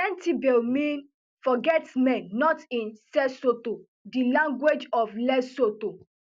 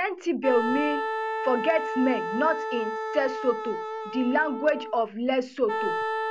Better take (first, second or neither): first